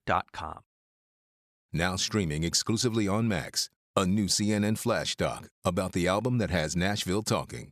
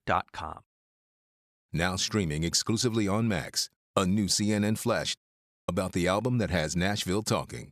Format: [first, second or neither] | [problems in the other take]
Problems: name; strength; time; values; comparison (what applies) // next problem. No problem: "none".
first | audio cutting out; at 5 s for 0.5 s